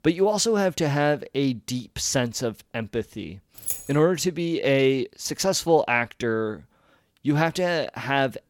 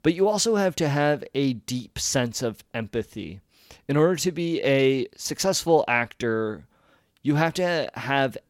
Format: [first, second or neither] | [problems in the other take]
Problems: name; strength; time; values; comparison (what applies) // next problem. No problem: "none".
second | jangling keys; noticeable; at 3.5 s; peak 5 dB below the speech